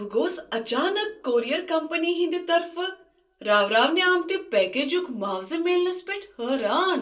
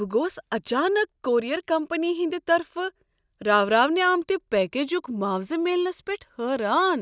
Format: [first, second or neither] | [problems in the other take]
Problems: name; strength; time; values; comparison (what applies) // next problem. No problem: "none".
second | room echo; dies away in 0.2 s